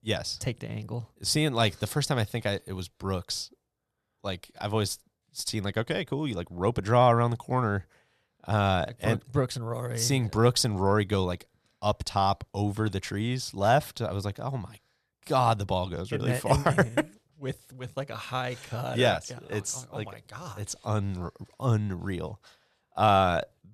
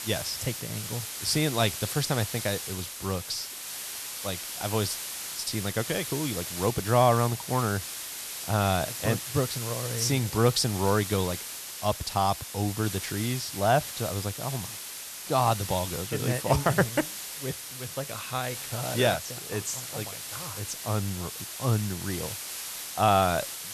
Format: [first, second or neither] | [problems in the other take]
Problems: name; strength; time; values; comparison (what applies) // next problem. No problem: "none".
first | hiss; loud; throughout; 6 dB below the speech